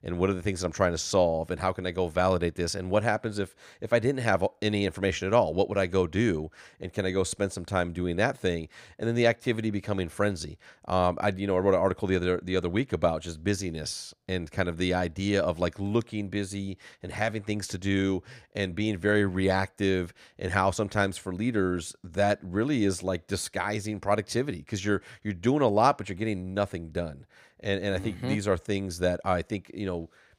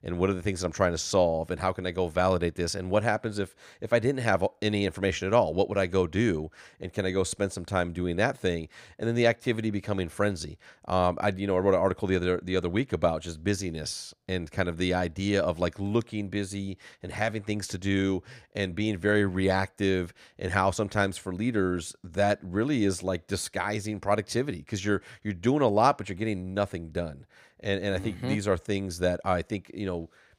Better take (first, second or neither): neither